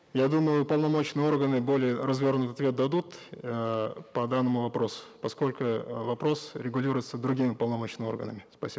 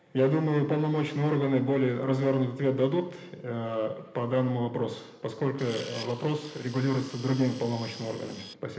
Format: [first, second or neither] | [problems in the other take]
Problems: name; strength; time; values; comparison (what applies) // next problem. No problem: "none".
first | background sound (Tools); 17 dB below the speech // room echo; dies away in 1.1 s